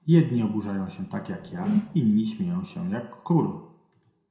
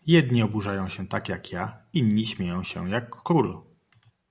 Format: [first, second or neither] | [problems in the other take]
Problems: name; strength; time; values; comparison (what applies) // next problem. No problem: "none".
second | background sound (Whoosh, swoosh, swish); 6 dB below the speech // room echo; dies away in 0.5 s